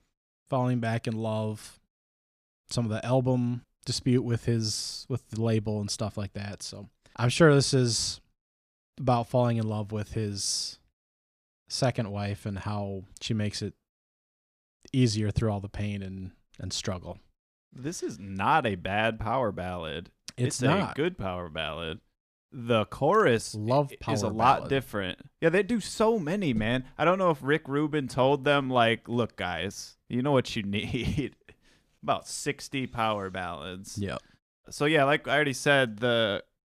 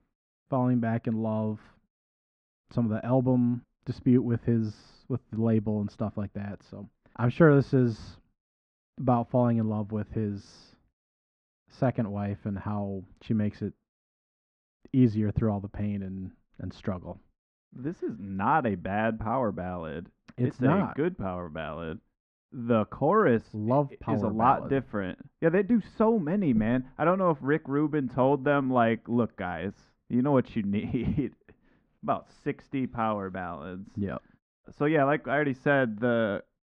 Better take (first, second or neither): first